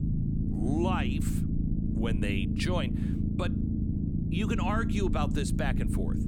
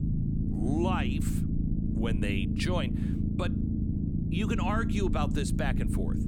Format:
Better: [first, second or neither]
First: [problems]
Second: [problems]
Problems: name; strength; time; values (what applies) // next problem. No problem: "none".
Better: neither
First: low rumble; loud; throughout; 4 dB below the speech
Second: low rumble; loud; throughout; 4 dB below the speech